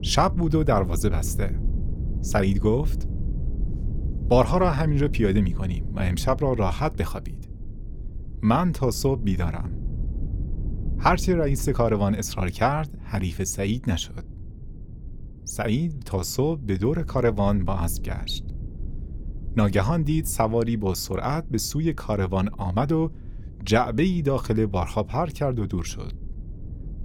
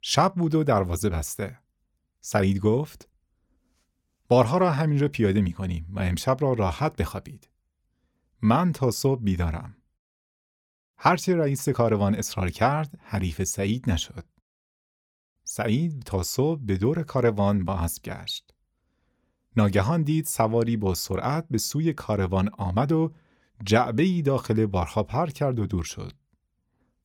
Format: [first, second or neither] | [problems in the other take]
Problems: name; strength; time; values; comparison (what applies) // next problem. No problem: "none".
second | low rumble; faint; throughout; 20 dB below the speech